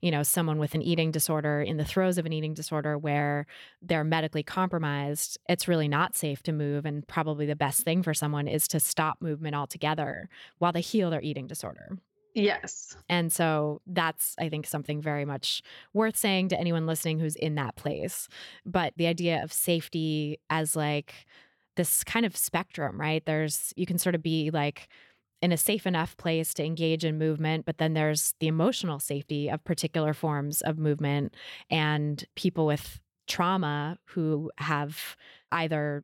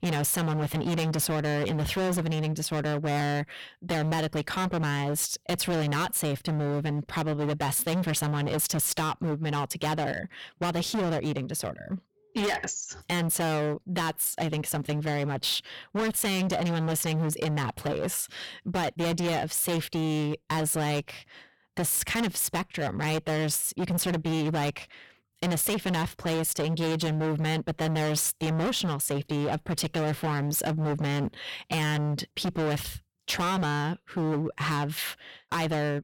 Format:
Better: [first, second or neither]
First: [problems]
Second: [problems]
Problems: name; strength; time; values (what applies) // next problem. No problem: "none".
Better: first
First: none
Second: distortion; heavy; 28% of the sound clipped